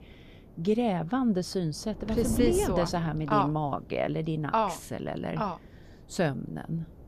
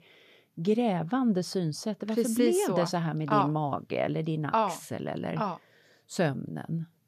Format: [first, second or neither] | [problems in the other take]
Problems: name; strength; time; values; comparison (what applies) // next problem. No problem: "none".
second | wind noise on the microphone; occasional gusts; 20 dB below the speech